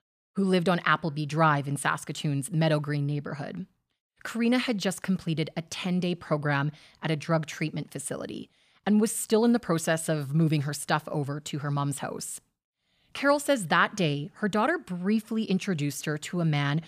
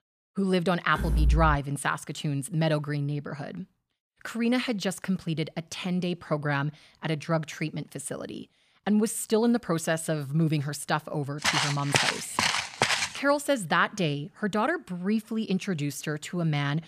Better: first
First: none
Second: door banging; loud; at 1 s; peak 3 dB above the speech // footsteps; loud; from 11 to 13 s; peak 4 dB above the speech

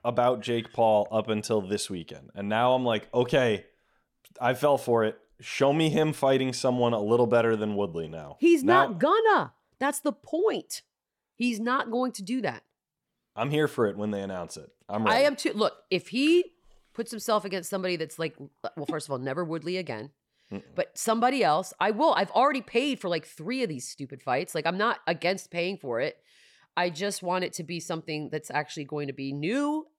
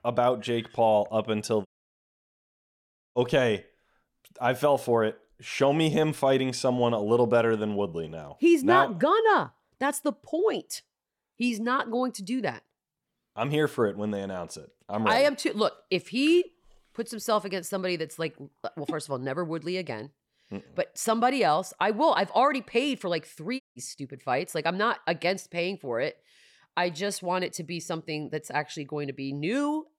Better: first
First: none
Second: audio cutting out; at 1.5 s for 1.5 s and at 24 s

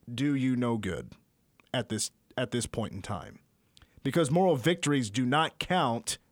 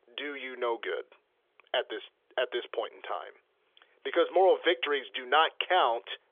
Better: first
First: none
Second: phone-call audio; nothing above 3.5 kHz

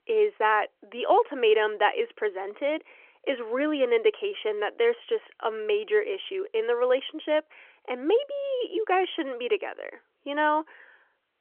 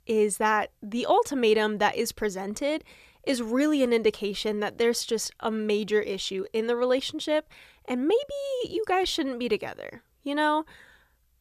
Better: second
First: phone-call audio; nothing above 3.5 kHz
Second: none

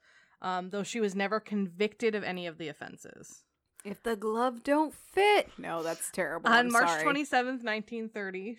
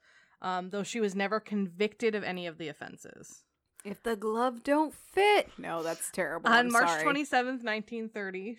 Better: neither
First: none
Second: none

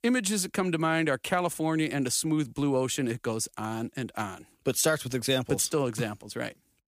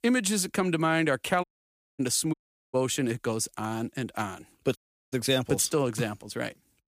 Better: first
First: none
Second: audio cutting out; at 1.5 s for 0.5 s, at 2.5 s and at 5 s

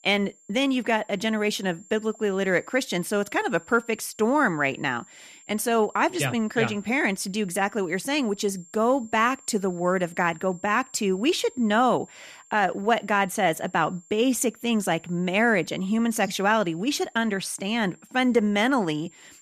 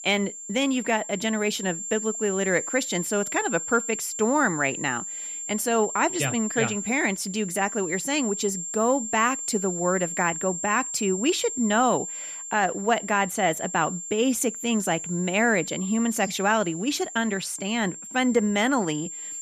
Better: first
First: high-pitched whine; faint; throughout; 7.5 kHz, 25 dB below the speech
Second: high-pitched whine; loud; throughout; 7.5 kHz, 7 dB below the speech

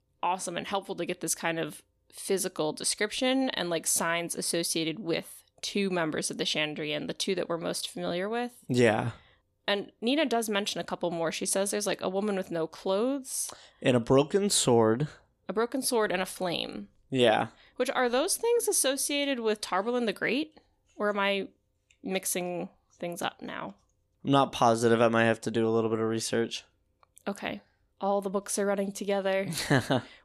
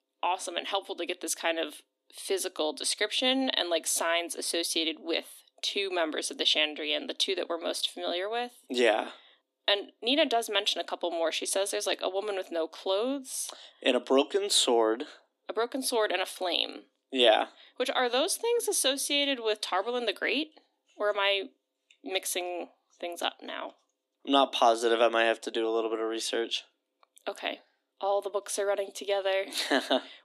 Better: first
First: none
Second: thin; very slightly; fading below 250 Hz

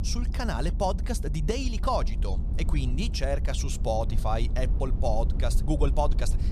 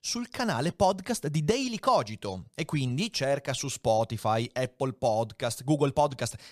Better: second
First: low rumble; noticeable; throughout; 15 dB below the speech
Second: none

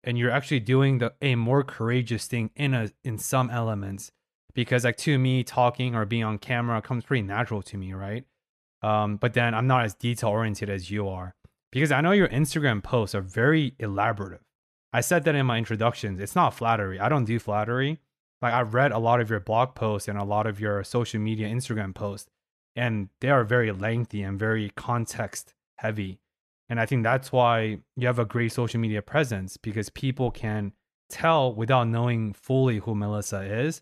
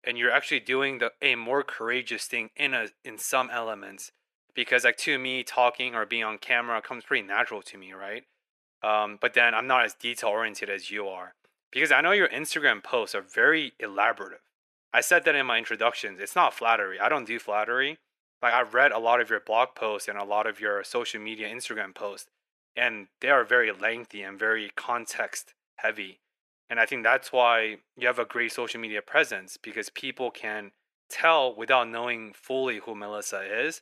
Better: first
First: none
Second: thin; very; fading below 400 Hz

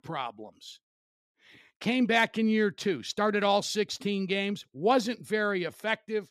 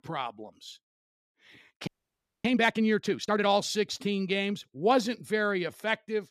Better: first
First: none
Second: audio freezing; at 2 s for 0.5 s

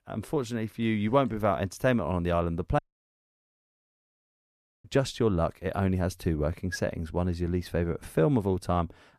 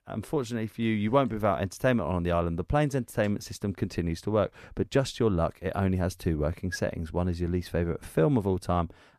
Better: second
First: audio cutting out; at 3 s for 2 s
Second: none

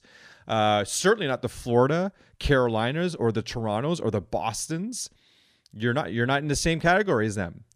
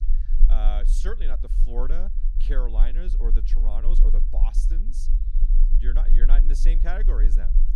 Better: first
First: none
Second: low rumble; noticeable; throughout; 10 dB below the speech

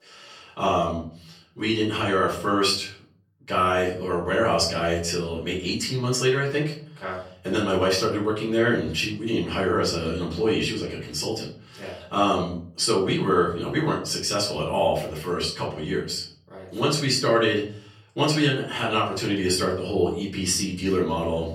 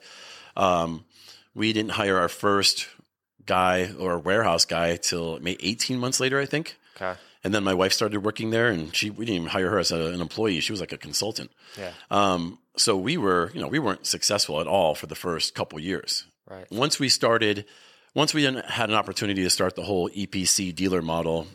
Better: second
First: off-mic speech; far // room echo; slight; dies away in 0.6 s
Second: none

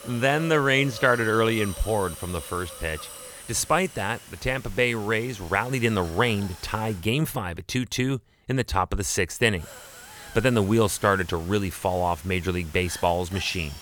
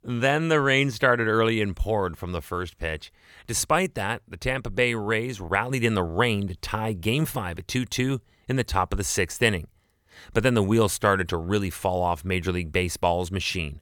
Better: second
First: hiss; noticeable; until 7 s and from 9.5 s on; 15 dB below the speech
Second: none

